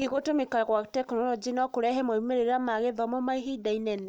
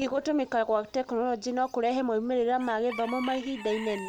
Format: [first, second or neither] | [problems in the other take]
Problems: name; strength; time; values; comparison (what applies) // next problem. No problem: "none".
first | background sound (Bird / Chicken, rooster); 17 dB below the speech